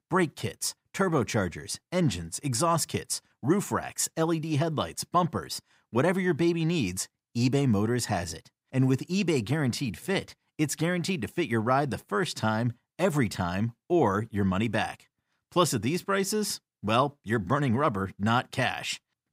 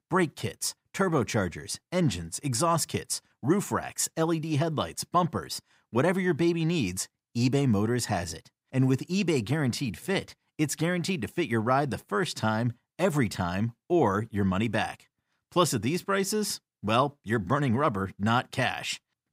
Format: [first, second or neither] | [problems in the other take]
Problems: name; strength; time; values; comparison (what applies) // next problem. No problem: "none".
neither | none